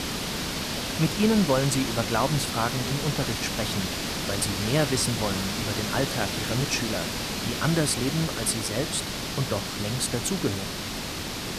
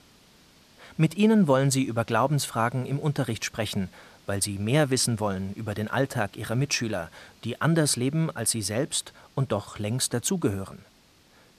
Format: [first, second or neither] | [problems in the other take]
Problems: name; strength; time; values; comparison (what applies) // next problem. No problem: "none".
second | hiss; loud; throughout; 2 dB below the speech; faint in the second